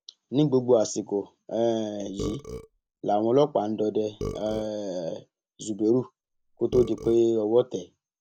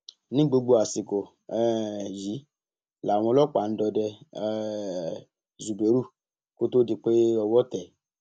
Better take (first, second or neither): second